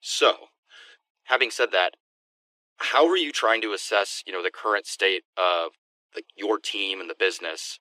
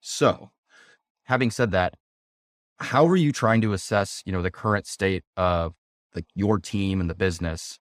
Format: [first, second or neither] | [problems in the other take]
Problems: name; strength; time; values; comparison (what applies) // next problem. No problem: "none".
second | thin; very; fading below 300 Hz